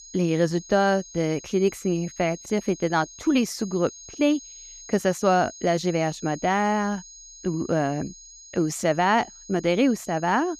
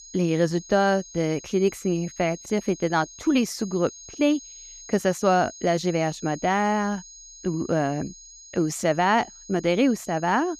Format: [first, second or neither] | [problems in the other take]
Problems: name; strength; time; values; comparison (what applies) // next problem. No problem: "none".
neither | high-pitched whine; noticeable; throughout; 6.5 kHz, 15 dB below the speech; the same in both